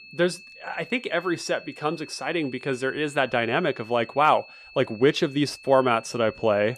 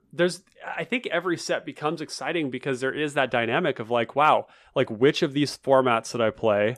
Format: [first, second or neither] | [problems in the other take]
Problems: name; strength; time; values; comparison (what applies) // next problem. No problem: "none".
second | high-pitched whine; noticeable; throughout; 2.5 kHz, 20 dB below the speech